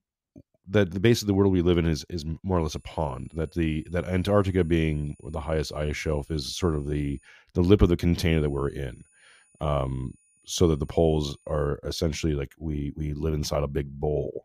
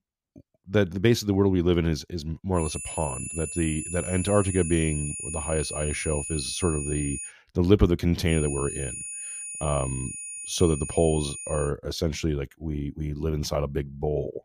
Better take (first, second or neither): first